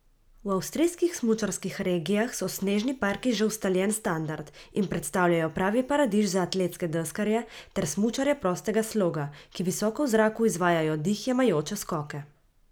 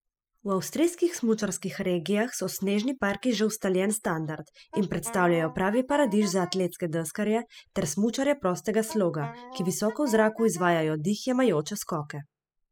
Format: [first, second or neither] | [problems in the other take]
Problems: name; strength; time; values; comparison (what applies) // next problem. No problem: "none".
first | noise reduction (classical method spectral subtraction)